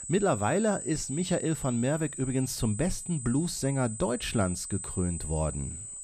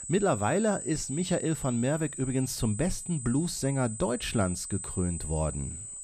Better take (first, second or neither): neither